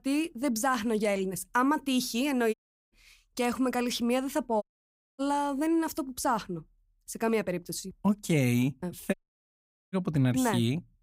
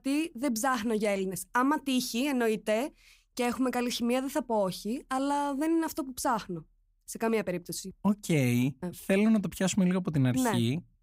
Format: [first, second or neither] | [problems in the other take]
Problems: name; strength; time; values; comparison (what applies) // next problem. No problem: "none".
second | audio cutting out; at 2.5 s, at 4.5 s for 0.5 s and at 9 s for 1 s